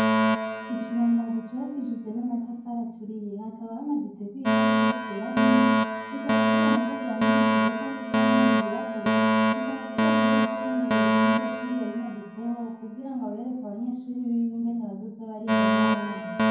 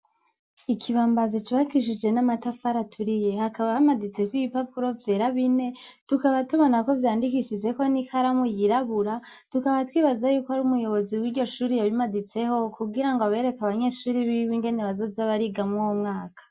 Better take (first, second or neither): second